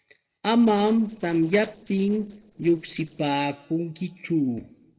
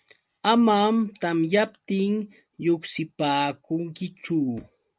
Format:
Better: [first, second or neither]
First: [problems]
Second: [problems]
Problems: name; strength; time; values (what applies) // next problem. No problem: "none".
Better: second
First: noise reduction (neural separator model SepFormer DNS4)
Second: none